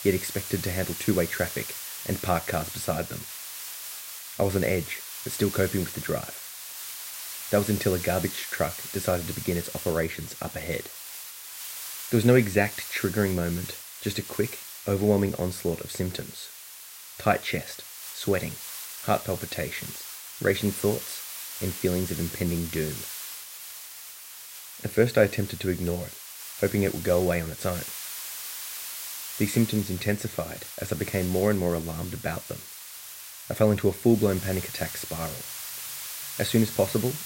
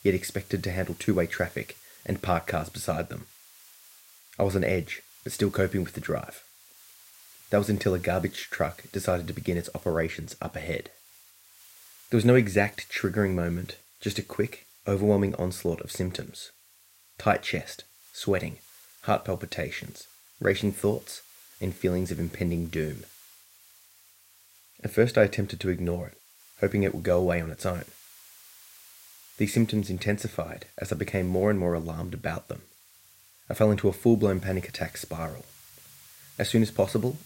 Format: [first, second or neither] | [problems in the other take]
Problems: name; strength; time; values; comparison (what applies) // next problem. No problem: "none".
second | hiss; loud; throughout; 8 dB below the speech; faint in the second